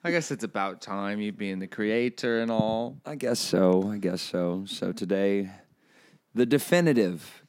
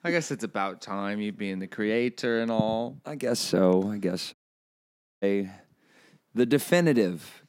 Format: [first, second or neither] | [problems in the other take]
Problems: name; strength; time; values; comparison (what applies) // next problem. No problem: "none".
first | audio cutting out; at 4.5 s for 1 s